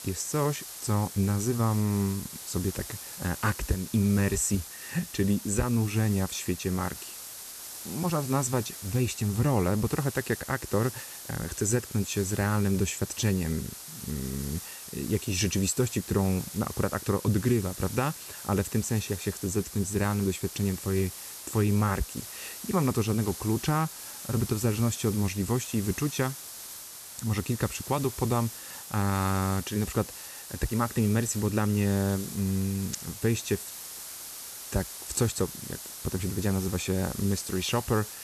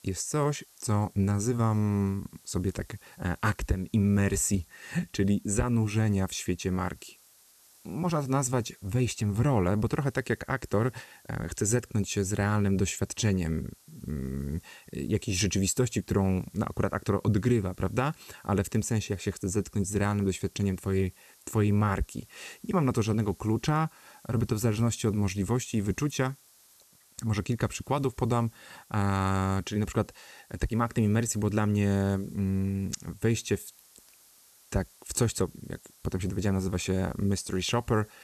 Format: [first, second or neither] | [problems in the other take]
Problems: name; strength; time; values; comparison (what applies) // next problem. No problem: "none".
second | hiss; loud; throughout; 10 dB below the speech; faint in the second